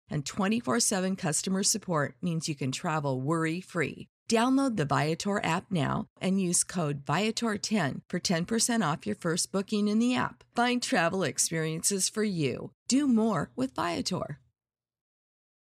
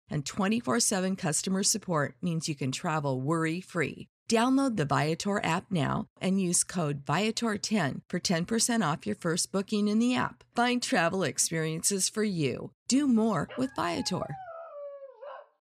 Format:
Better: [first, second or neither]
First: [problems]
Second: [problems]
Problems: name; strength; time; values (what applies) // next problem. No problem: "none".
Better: first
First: none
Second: dog barking; faint; from 13 s on; peak 15 dB below the speech